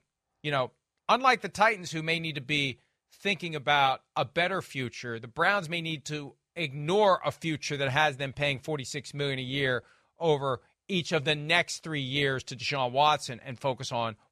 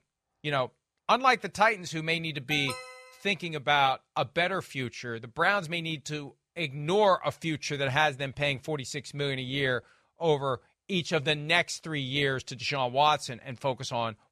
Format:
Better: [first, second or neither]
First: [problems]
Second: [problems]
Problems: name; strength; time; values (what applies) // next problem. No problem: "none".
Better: first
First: none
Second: alarm; noticeable; at 2.5 s; peak 10 dB below the speech